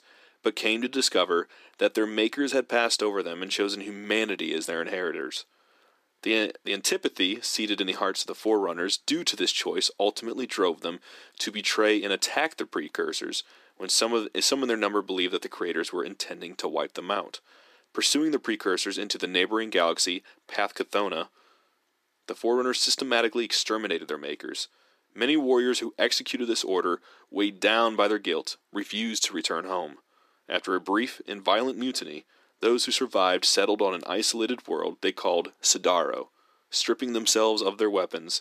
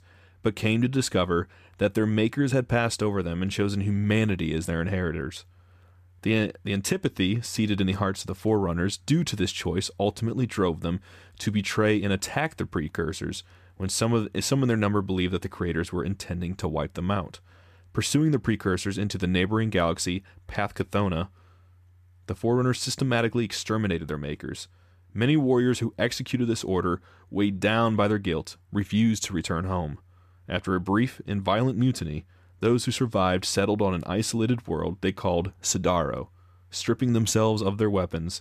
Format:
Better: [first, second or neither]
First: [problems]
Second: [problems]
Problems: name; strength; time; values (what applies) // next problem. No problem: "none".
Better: second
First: thin; somewhat; fading below 300 Hz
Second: none